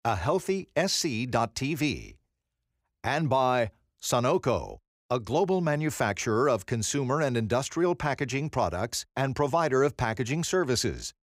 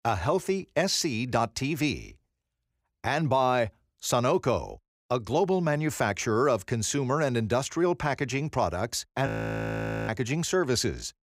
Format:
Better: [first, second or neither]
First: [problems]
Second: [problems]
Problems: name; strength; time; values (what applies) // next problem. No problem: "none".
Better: first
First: none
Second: audio freezing; at 9.5 s for 1 s